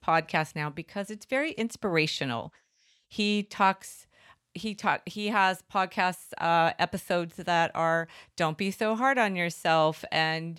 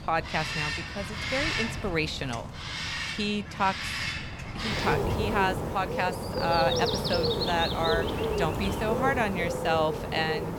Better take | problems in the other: first | animal sounds; loud; throughout; as loud as the speech

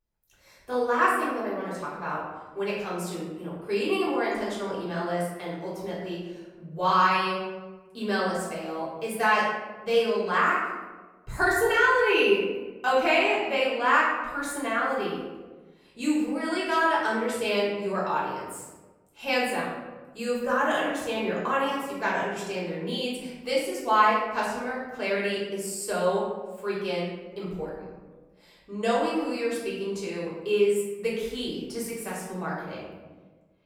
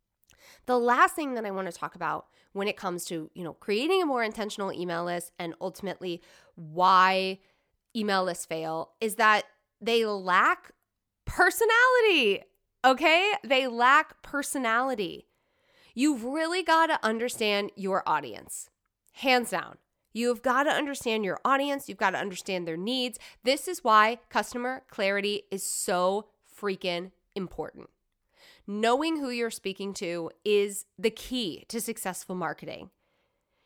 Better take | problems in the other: second | room echo; noticeable; dies away in 1.1 s // off-mic speech; far

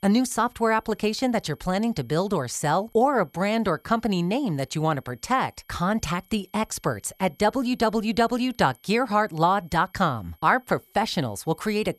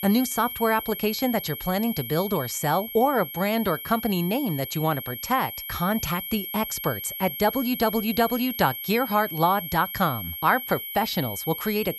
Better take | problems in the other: first | high-pitched whine; loud; throughout; 11.5 kHz, 7 dB below the speech; faint in the first

